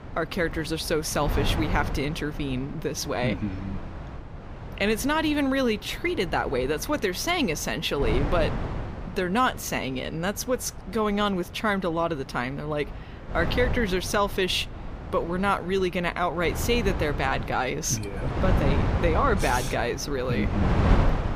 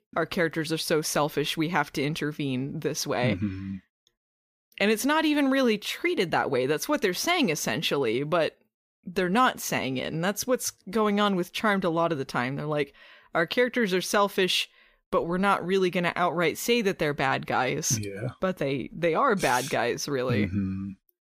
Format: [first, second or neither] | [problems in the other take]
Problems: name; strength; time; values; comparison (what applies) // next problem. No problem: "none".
second | wind noise on the microphone; occasional gusts; 10 dB below the speech